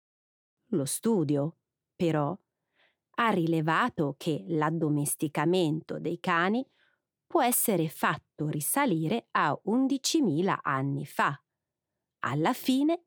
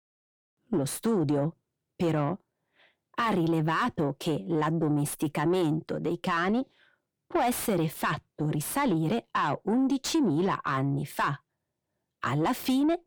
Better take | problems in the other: first | distortion; slight; 10 dB below the speech

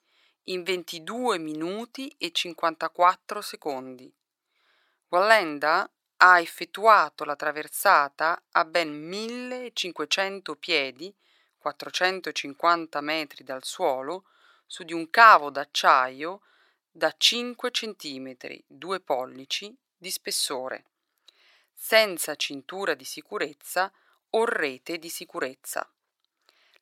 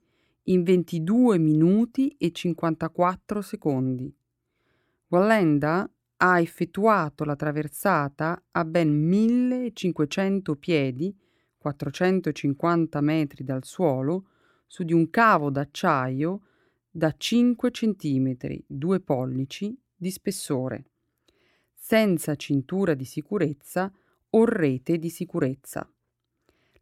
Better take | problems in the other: second | thin; very; fading below 850 Hz

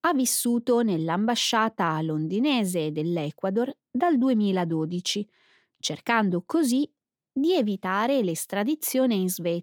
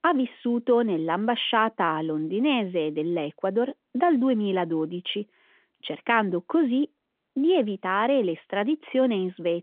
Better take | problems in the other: first | phone-call audio; nothing above 3.5 kHz

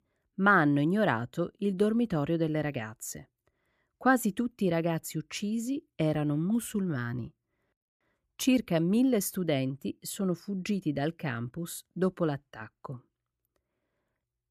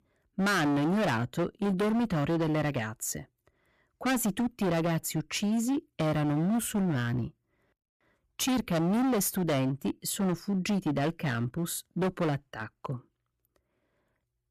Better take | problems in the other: first | distortion; heavy; 19% of the sound clipped

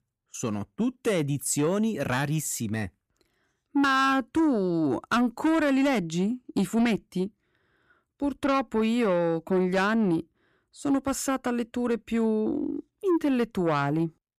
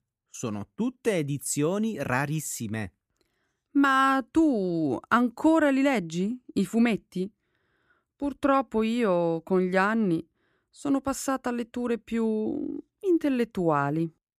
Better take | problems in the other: second | distortion; slight; 10 dB below the speech

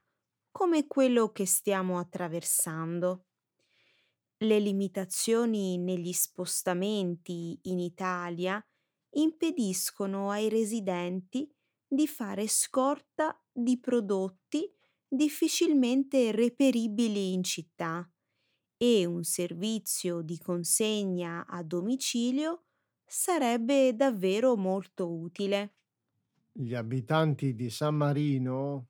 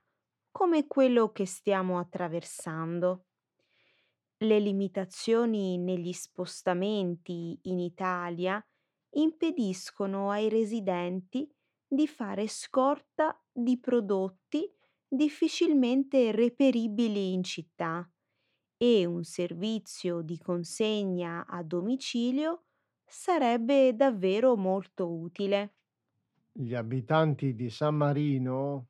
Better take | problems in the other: first | muffled; slightly; fading above 4 kHz

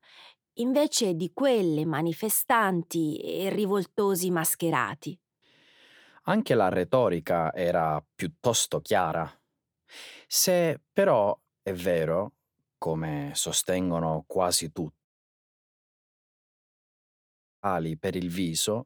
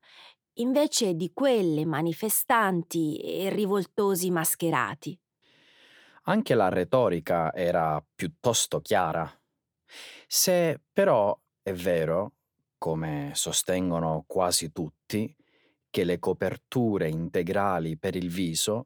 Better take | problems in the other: second | audio cutting out; at 15 s for 2.5 s

